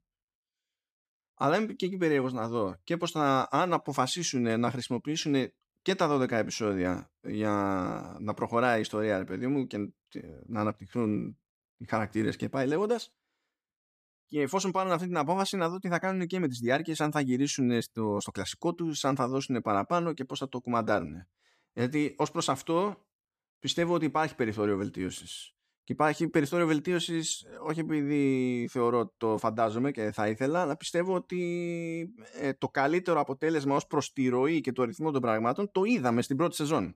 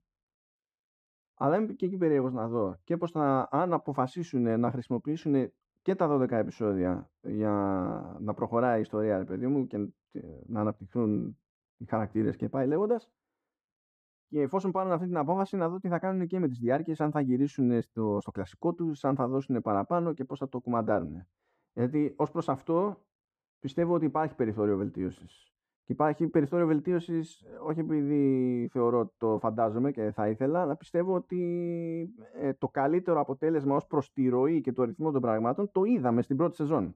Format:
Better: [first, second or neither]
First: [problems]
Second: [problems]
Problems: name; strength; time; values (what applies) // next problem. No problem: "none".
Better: first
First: none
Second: muffled; very; fading above 2 kHz